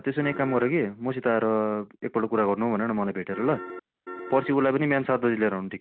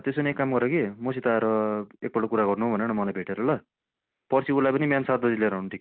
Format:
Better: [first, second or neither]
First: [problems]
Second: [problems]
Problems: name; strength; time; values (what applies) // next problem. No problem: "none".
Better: second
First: background sound (Piano); 11 dB below the speech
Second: none